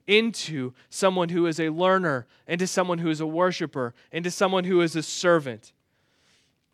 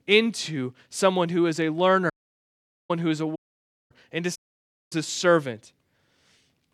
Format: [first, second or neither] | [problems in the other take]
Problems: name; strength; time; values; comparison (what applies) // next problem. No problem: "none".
first | audio cutting out; at 2 s for 1 s, at 3.5 s for 0.5 s and at 4.5 s for 0.5 s